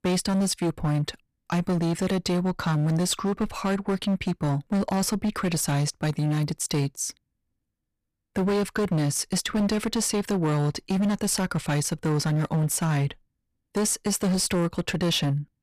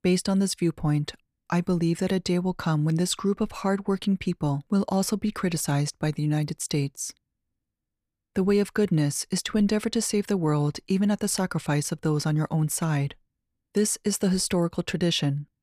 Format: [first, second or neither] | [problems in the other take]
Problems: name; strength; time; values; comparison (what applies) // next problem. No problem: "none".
second | distortion; slight; 19% of the sound clipped